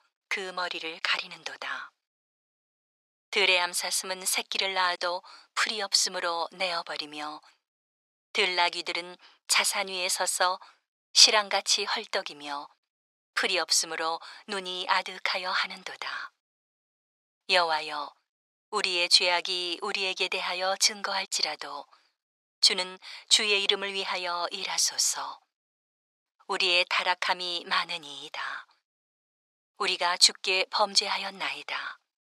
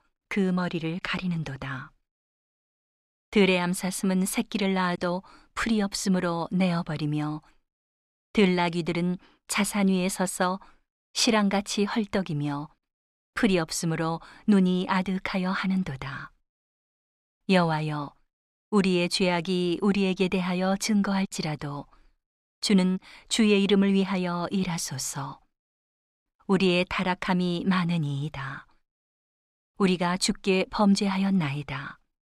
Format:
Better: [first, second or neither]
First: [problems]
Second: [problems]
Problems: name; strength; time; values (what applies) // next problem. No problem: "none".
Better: second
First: thin; very; fading below 550 Hz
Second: none